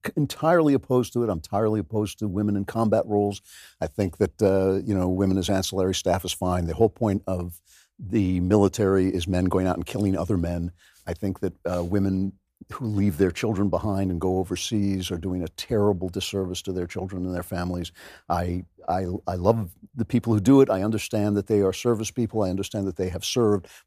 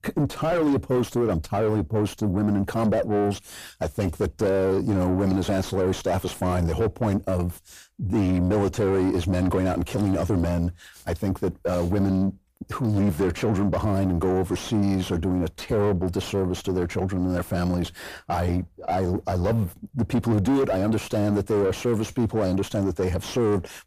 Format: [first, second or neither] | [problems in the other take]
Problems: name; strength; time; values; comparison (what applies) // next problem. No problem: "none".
first | distortion; heavy; 5 dB below the speech